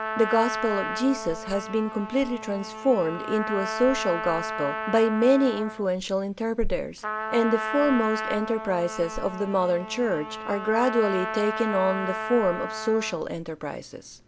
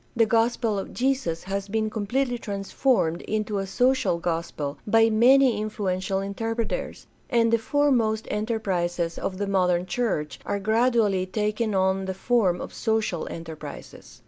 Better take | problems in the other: second | background sound (Trumpet); 7 dB below the speech

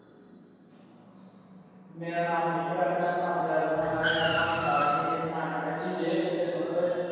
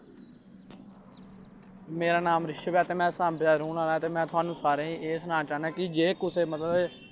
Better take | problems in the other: second | background sound (Car); 3 dB below the speech // room echo; dies away in 2.2 s

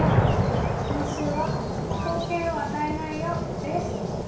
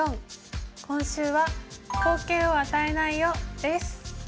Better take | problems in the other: second | background sound (Fireworks); 5 dB above the speech // room echo; dies away in 0.6 s

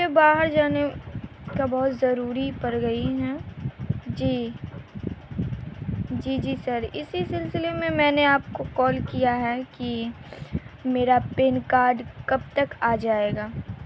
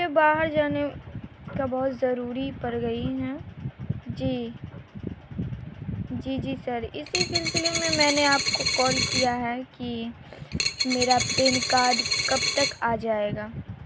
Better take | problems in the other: first | background sound (Coin (dropping)); as loud as the speech

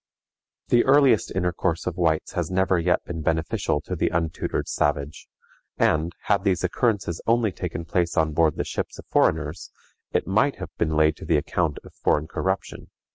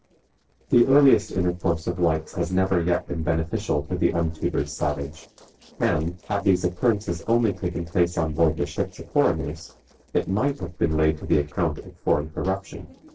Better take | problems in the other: first | noise reduction (neural separator model SepFormer DNS4)

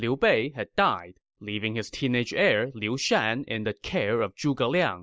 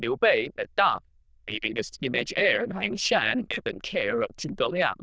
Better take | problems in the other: first | noise reduction (neural diffusion model UNIVERSE++)

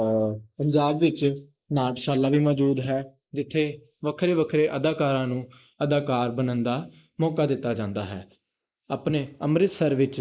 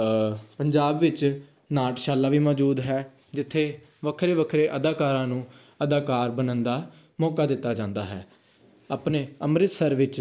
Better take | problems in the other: second | noise reduction (neural mask model Resemble Enhance denoiser)

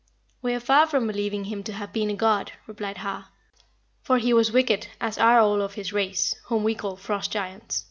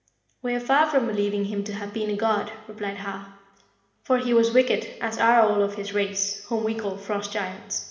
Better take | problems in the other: first | room echo; dies away in 1 s

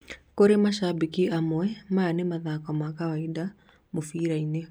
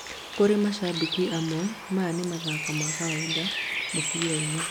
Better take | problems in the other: first | background sound (Bird); 4 dB below the speech

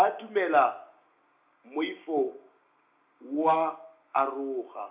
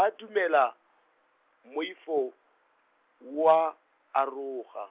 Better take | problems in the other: second | room echo; dies away in 0.4 s

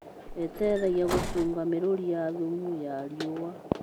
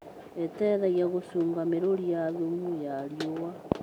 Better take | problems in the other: second | background sound (Bus); 6 dB below the speech

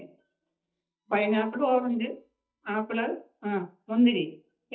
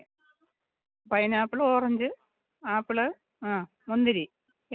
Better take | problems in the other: second | noise reduction (neural mask model DeepFilterNet 3)

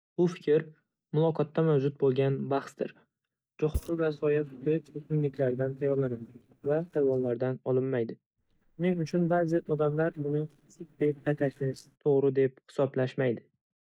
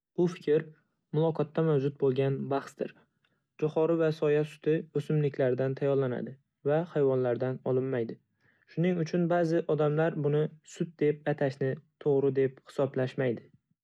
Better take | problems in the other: second | noise reduction (neural mask model DeepFilterNet 3)

